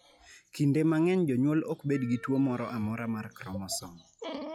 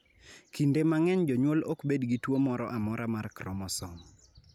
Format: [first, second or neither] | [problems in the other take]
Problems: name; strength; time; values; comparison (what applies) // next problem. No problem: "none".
second | noise reduction (classical method log-MMSE)